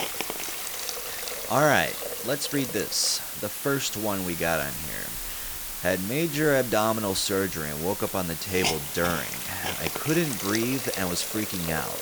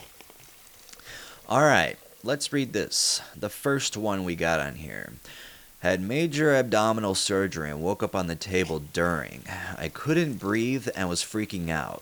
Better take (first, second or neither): second